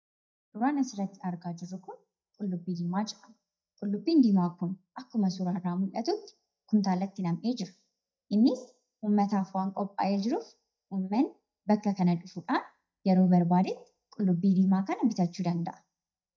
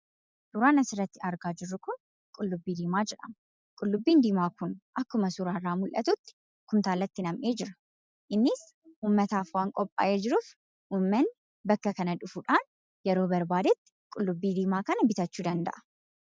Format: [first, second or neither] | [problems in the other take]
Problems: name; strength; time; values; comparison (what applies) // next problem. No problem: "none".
second | noise reduction (neural mask model DeepFilterNet 3)